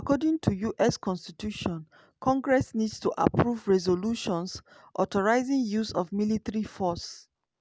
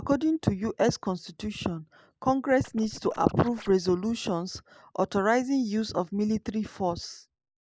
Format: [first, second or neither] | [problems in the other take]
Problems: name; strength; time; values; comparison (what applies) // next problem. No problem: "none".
first | noise reduction (neural mask model Resemble Enhance denoiser)